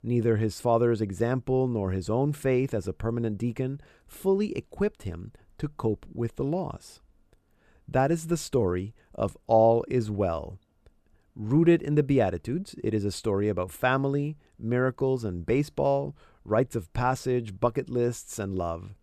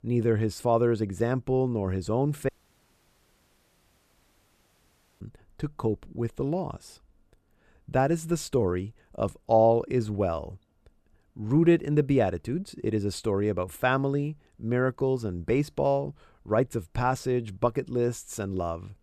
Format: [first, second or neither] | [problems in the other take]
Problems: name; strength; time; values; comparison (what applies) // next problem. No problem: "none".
first | audio cutting out; at 2.5 s for 2.5 s